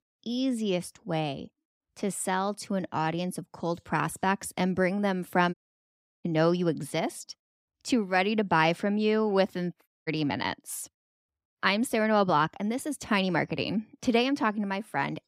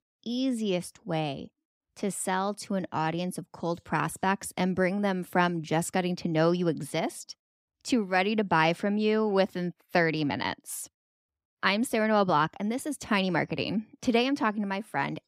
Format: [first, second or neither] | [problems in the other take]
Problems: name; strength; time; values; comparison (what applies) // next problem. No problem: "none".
second | audio cutting out; at 5.5 s for 0.5 s and at 10 s